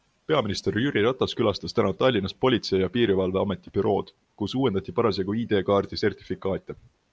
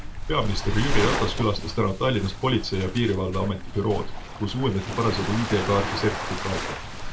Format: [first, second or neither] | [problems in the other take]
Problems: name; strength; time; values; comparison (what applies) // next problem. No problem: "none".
first | background sound (Waves, surf); 3 dB below the speech // room echo; dies away in 0.2 s